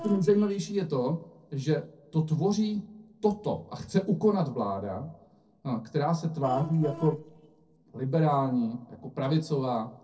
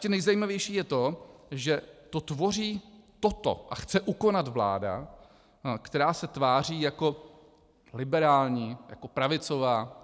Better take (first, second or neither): second